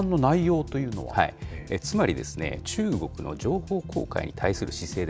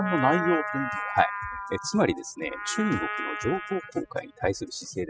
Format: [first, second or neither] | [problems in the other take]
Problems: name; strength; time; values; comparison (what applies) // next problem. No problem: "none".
first | noise reduction (classical method spectral subtraction)